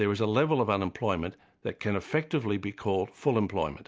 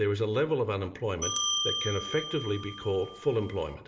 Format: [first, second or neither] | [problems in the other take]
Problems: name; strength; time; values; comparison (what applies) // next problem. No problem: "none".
first | background sound (Bell); 4 dB below the speech // room echo; dies away in 1.8 s